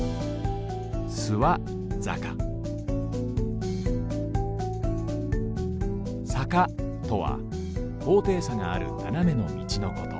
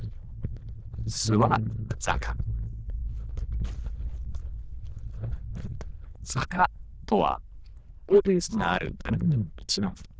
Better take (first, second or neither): first